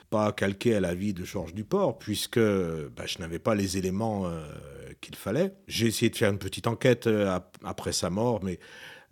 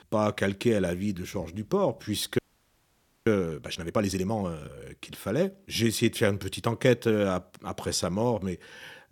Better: first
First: none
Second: audio freezing; at 2.5 s for 1 s

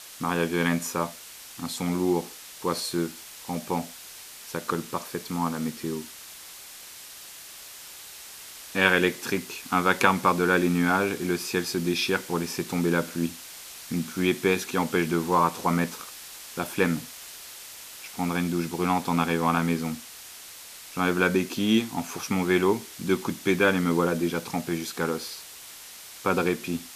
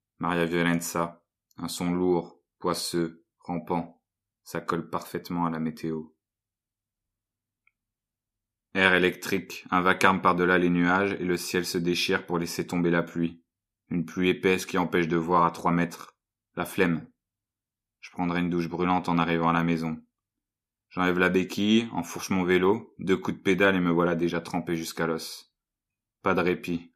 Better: second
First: hiss; noticeable; throughout; 15 dB below the speech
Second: none

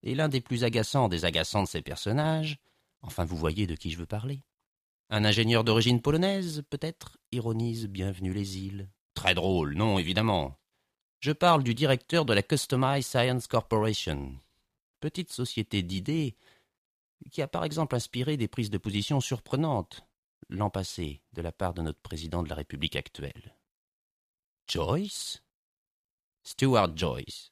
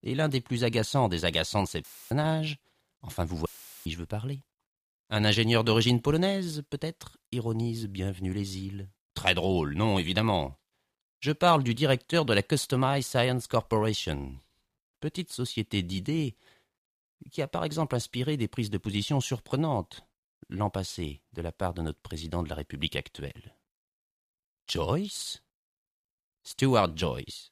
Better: first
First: none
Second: audio cutting out; filled with static; at 2 s and at 3.5 s

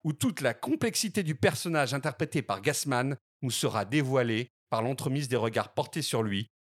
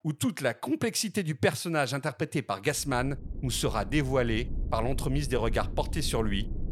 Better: first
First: none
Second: low rumble; noticeable; from 3 s on; 20 dB below the speech

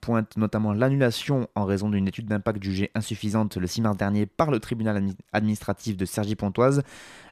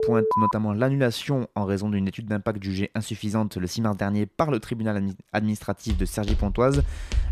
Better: first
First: none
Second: alarm; loud; at the start; peak 4 dB above the speech // footsteps; noticeable; from 6 s on; peak 3 dB below the speech

